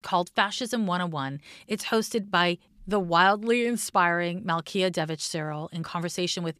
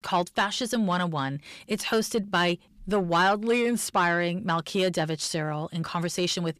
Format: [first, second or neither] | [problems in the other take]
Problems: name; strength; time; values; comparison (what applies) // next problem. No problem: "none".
first | distortion; slight; 10 dB below the speech